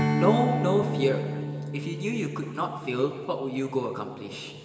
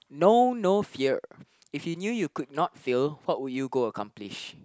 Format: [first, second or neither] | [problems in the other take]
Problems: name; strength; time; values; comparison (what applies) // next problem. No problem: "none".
second | background sound (Strum); 2 dB below the speech // room echo; dies away in 2.6 s